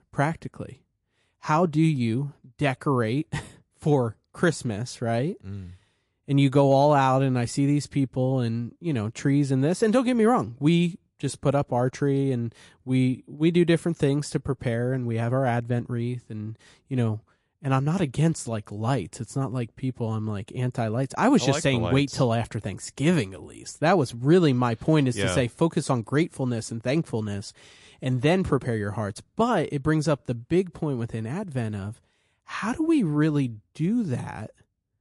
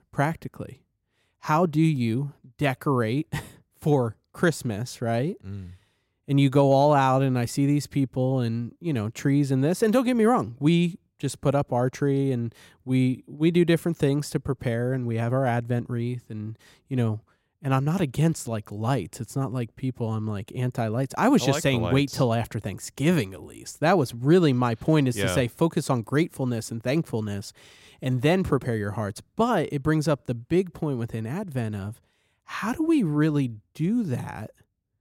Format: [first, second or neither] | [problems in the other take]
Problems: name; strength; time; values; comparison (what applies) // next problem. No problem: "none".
second | garbled, watery; slightly; nothing above 11 kHz